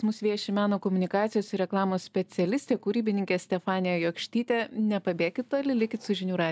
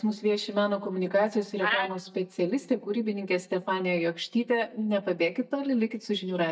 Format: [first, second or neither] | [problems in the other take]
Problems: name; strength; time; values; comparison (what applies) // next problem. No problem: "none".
first | noise reduction (neural mask model DeepFilterNet 3)